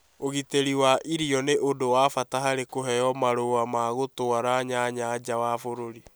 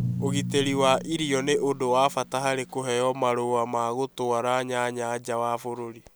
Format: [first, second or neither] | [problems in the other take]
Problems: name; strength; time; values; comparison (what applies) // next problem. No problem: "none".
first | background sound (Drum); 11 dB below the speech